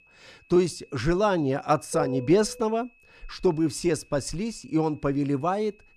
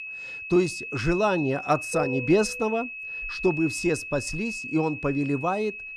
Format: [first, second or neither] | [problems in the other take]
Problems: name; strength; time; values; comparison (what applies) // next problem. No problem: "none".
first | high-pitched whine; loud; throughout; 2.5 kHz, 7 dB below the speech; faint in the first